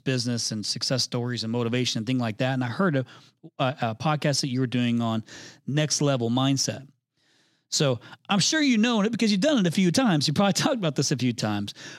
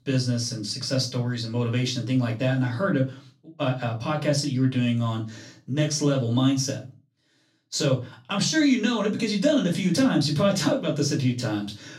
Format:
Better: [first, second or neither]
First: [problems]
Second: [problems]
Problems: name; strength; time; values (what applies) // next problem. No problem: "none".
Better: first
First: none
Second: off-mic speech; far // room echo; very slight; dies away in 0.3 s